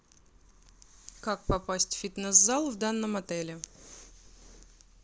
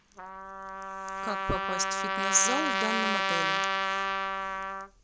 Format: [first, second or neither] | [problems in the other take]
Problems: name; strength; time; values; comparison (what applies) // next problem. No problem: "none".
first | background sound (Trumpet); 4 dB above the speech